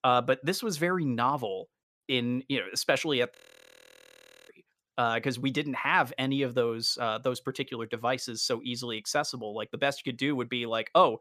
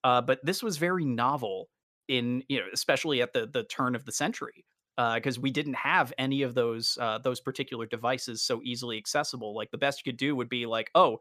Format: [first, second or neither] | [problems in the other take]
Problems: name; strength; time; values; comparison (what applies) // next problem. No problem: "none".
second | audio freezing; at 3.5 s for 1 s